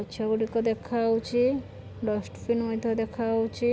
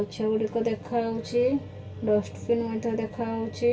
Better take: first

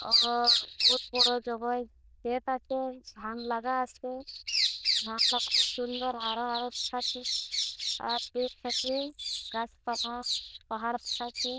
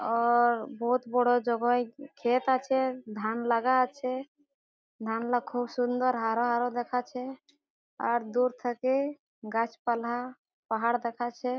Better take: second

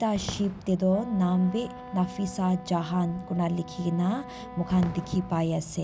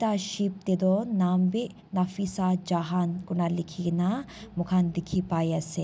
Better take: second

